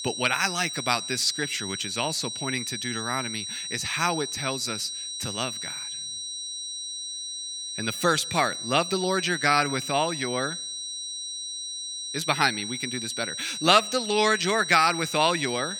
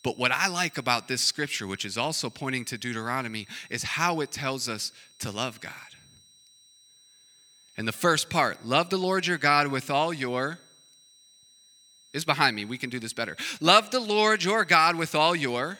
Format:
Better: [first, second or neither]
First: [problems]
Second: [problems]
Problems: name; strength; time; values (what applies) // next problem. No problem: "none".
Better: second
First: high-pitched whine; loud; throughout; 4 kHz, 6 dB below the speech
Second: high-pitched whine; faint; throughout; 4 kHz, 30 dB below the speech